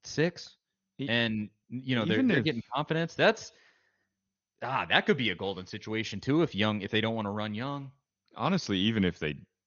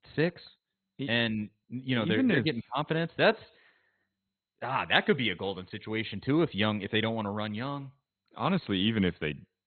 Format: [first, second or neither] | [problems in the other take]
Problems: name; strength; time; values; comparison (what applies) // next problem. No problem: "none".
first | garbled, watery; badly; nothing above 4 kHz; slightly in the first